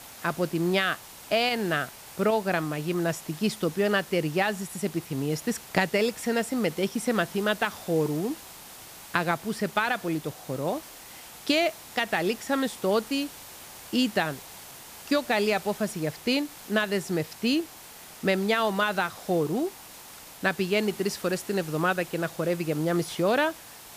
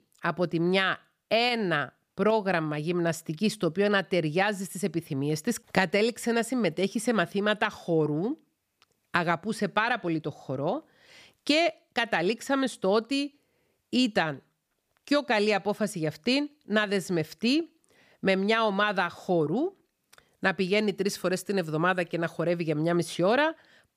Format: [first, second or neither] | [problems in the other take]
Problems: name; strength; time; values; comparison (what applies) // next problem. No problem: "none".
second | hiss; noticeable; throughout; 15 dB below the speech